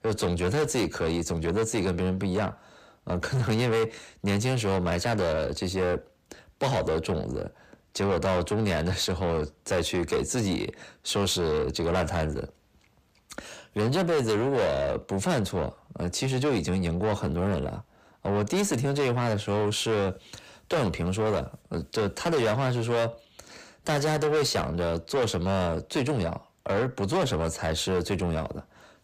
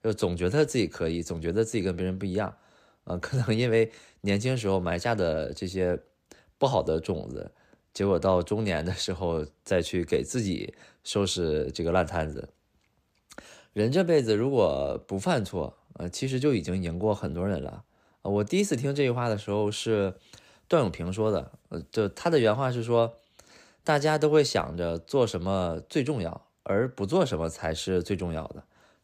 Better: second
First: distortion; heavy; 7 dB below the speech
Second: none

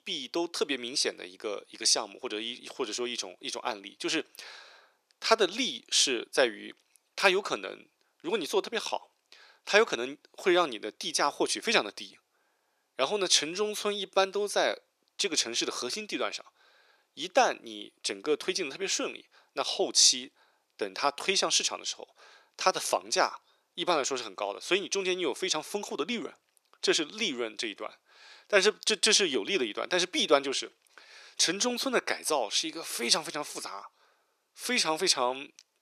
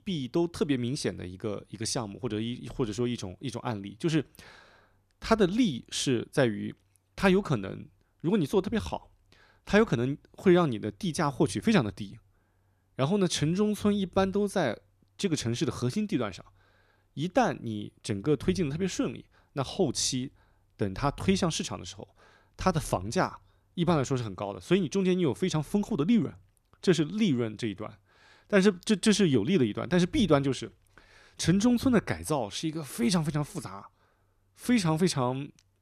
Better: second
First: thin; very; fading below 400 Hz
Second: none

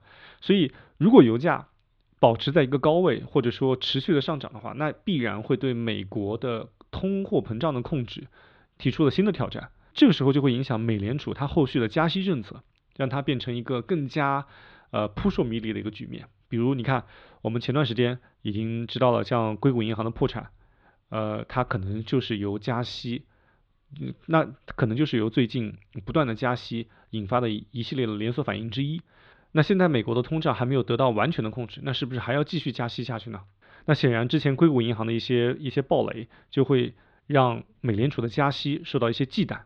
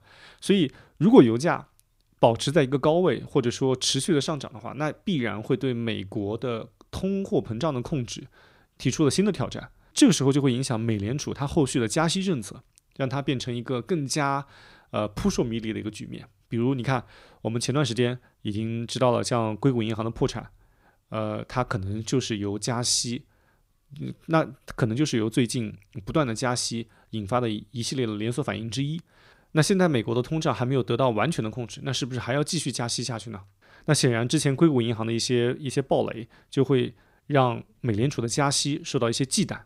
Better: second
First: muffled; very; fading above 3.5 kHz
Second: none

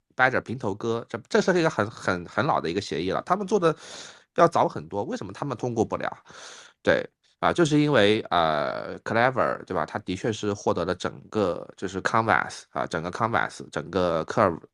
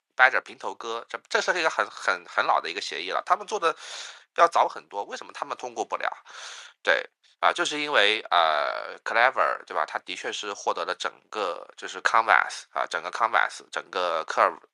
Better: first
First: none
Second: thin; very; fading below 800 Hz

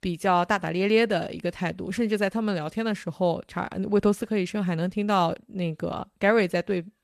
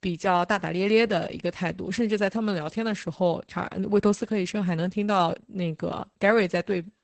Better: first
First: garbled, watery; slightly; nothing above 14 kHz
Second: garbled, watery; badly; nothing above 8 kHz

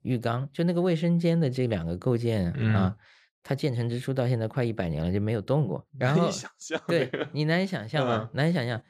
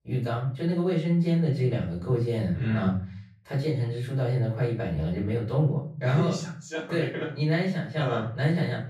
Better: first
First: none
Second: off-mic speech; far // room echo; noticeable; dies away in 0.4 s

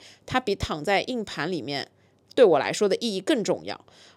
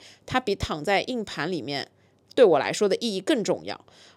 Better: neither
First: none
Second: none

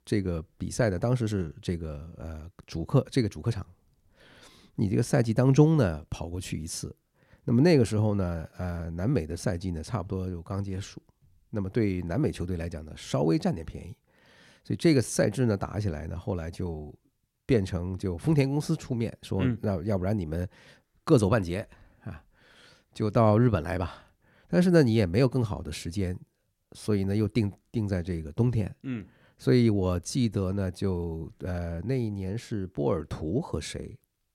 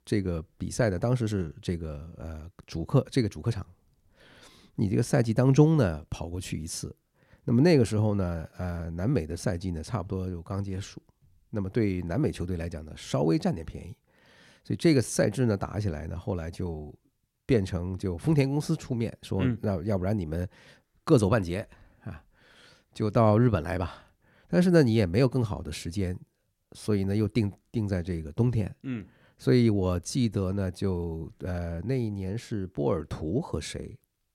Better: neither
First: none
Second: none

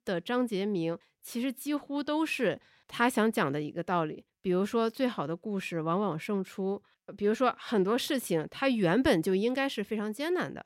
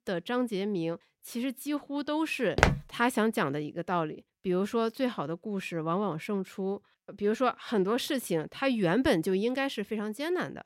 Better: first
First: none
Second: footsteps; loud; at 2.5 s; peak 4 dB above the speech

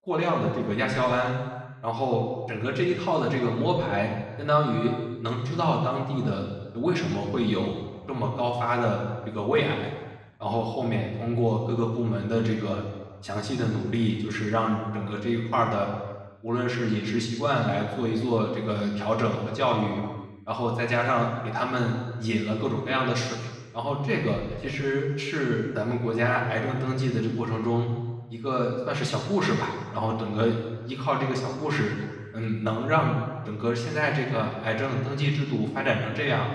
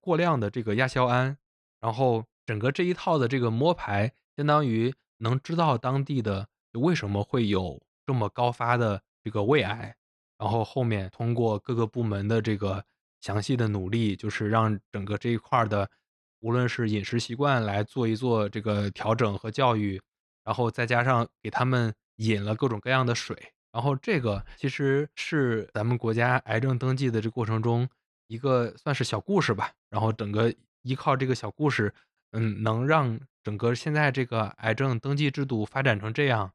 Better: second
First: room echo; noticeable; dies away in 1.2 s // off-mic speech; far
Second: none

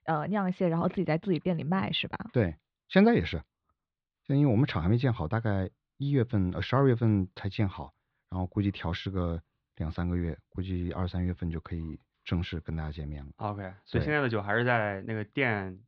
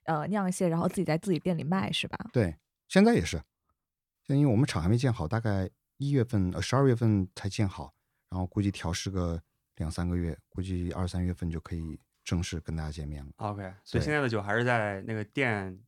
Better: second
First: muffled; slightly; fading above 4 kHz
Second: none

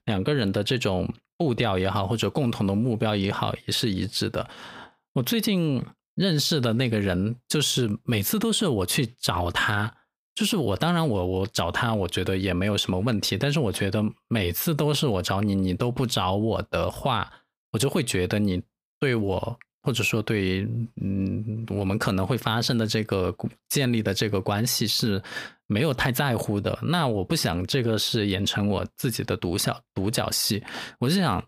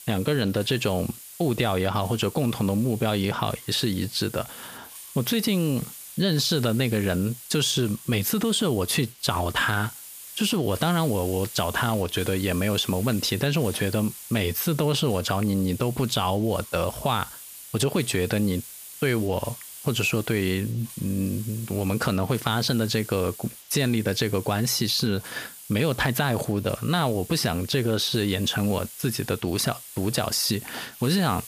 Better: first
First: none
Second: hiss; noticeable; throughout; 15 dB below the speech

